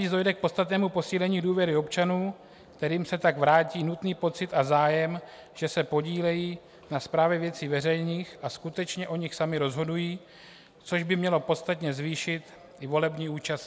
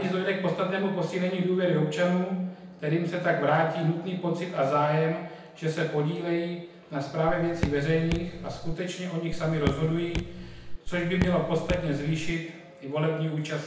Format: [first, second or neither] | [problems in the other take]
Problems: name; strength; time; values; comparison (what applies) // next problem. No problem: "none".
first | background sound (Raindrop / Drip); 5 dB below the speech // room echo; dies away in 0.9 s